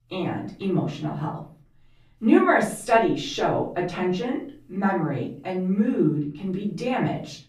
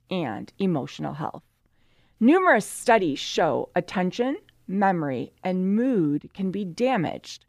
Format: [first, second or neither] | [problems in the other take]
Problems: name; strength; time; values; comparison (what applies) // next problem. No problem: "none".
second | off-mic speech; far // room echo; slight; dies away in 0.4 s